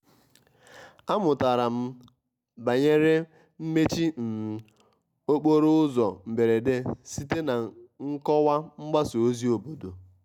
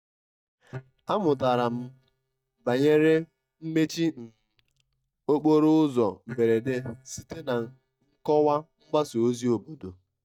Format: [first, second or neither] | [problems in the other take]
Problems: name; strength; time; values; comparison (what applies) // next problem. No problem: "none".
first | noise reduction (neural mask model DeepFilterNet 3)